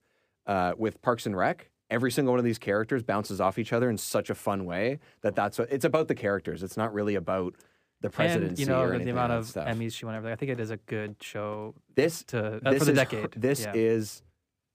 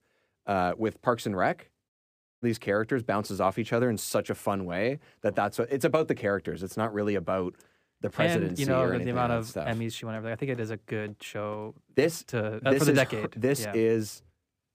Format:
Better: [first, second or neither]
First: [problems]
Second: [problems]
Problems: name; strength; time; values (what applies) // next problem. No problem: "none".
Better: first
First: none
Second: audio cutting out; at 2 s for 0.5 s